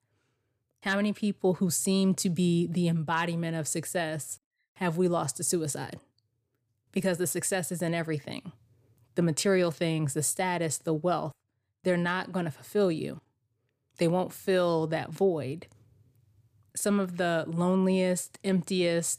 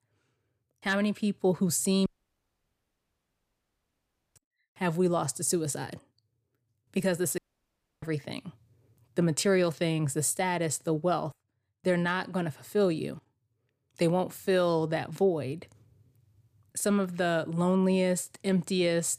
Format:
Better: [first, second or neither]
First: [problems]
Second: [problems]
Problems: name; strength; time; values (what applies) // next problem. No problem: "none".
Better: first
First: none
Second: audio cutting out; at 2 s for 2.5 s and at 7.5 s for 0.5 s